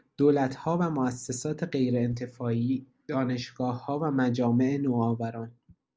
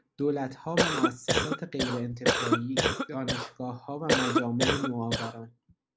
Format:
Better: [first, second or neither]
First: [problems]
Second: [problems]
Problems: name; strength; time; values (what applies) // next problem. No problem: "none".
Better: first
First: none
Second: background sound (Cough); 5 dB above the speech